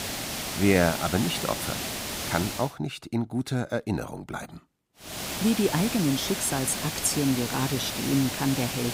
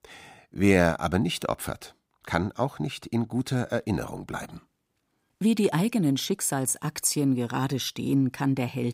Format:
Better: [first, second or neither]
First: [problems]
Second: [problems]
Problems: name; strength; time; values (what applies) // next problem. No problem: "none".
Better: second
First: hiss; loud; until 2.5 s and from 5 s on; 4 dB below the speech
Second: none